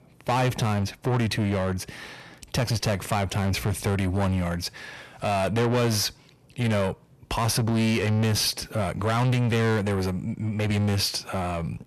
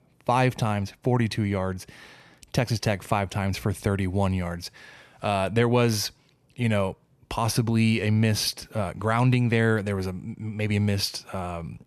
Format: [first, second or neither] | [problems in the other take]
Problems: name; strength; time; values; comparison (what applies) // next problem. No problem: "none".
second | distortion; heavy; 7 dB below the speech